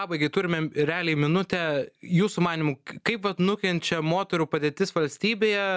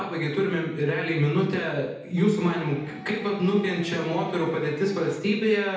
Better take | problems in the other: first | background sound (Electric guitar); 20 dB below the speech // room echo; dies away in 0.8 s

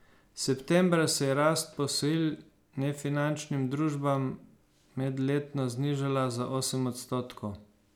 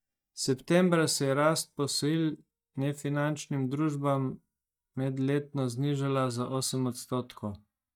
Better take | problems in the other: first | noise reduction (neural mask model DeepFilterNet 3)

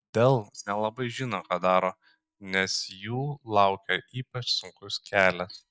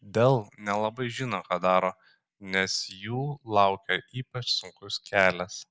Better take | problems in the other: second | noise reduction (neural mask model DeepFilterNet 3)

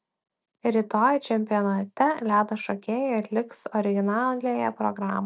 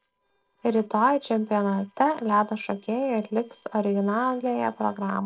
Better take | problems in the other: first | noise reduction (neural separator model SepFormer DNS4)

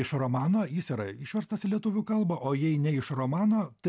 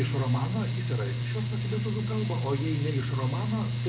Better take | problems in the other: first | background sound (Mechanical fan); 2 dB above the speech // room echo; dies away in 0.5 s

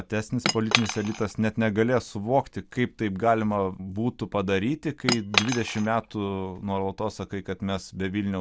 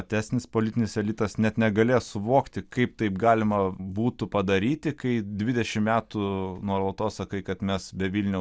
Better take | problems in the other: second | background sound (Cutlery, silverware / Chink, clink); 5 dB below the speech

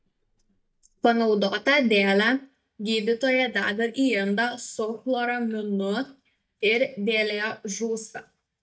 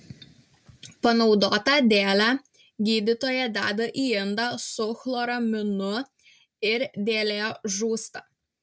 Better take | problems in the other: second | noise reduction (neural mask model DeepFilterNet 3)

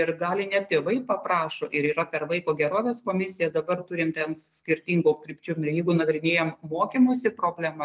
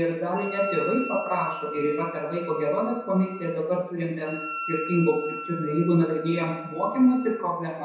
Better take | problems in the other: first | background sound (Wind instrument, woodwind instrument); 11 dB below the speech // room echo; dies away in 0.7 s

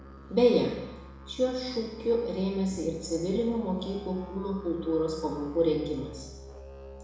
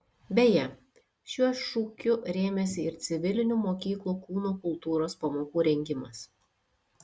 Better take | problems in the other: second | background sound (Musical instrument); 16 dB below the speech // room echo; dies away in 1 s

